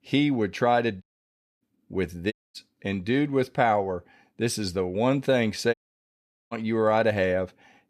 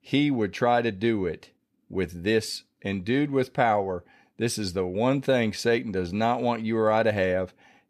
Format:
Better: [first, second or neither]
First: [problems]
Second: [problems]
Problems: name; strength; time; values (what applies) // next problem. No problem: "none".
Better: second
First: audio cutting out; at 1 s for 0.5 s, at 2.5 s and at 5.5 s for 1 s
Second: none